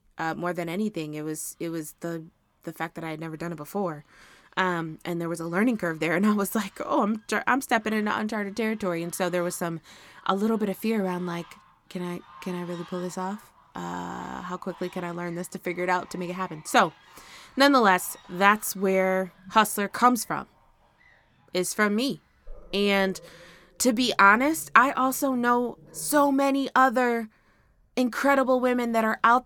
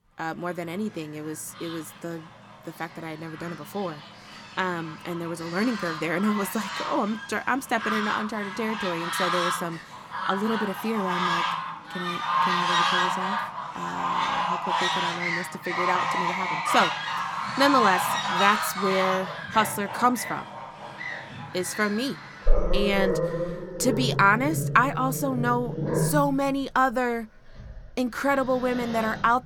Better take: first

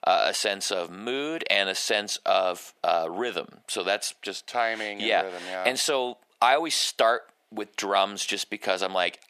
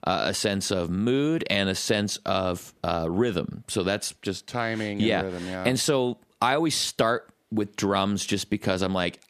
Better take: second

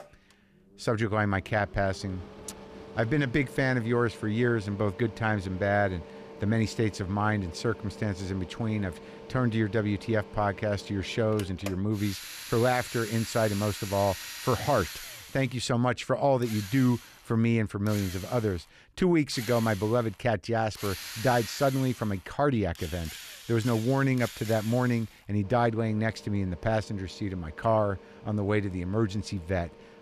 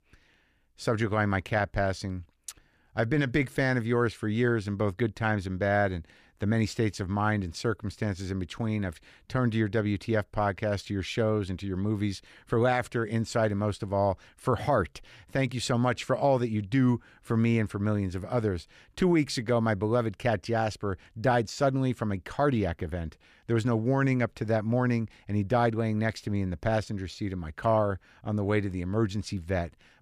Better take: second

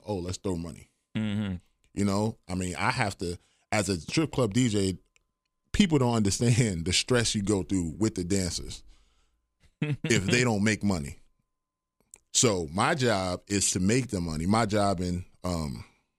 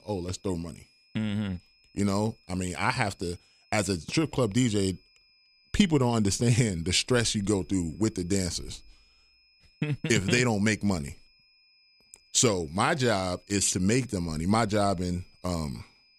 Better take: first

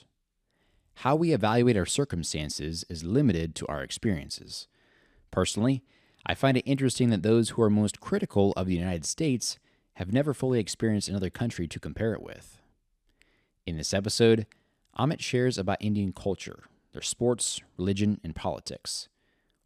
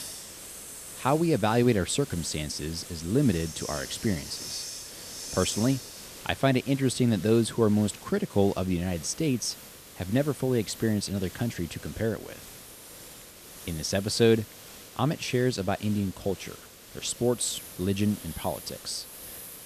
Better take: first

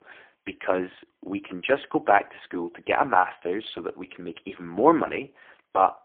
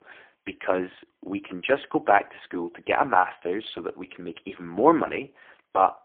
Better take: neither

